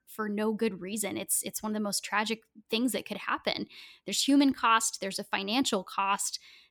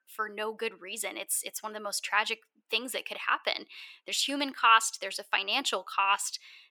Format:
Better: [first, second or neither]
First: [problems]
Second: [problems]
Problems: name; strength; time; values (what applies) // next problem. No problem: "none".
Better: first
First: none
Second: thin; very; fading below 550 Hz